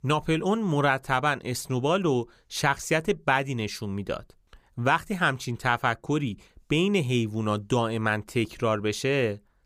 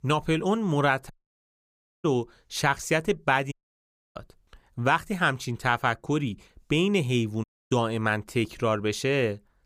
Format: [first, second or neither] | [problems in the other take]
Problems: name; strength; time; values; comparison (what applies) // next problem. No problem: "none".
first | audio cutting out; at 1 s for 1 s, at 3.5 s for 0.5 s and at 7.5 s